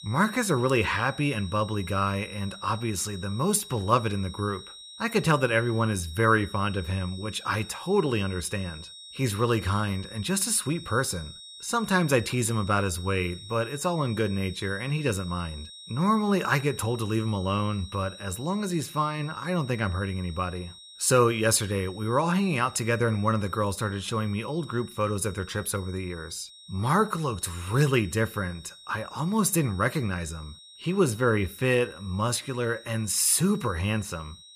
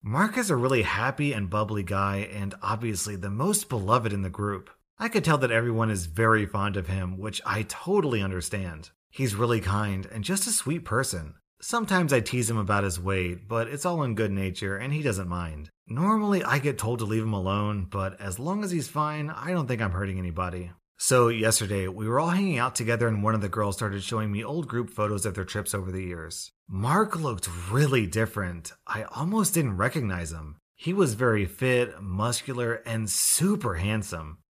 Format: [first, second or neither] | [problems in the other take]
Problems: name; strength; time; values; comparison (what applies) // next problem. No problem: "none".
second | high-pitched whine; noticeable; throughout; 4 kHz, 15 dB below the speech